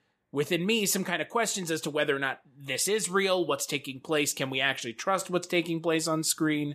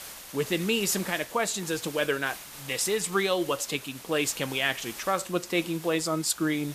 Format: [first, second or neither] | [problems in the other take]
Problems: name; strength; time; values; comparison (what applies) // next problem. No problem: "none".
first | hiss; noticeable; throughout; 15 dB below the speech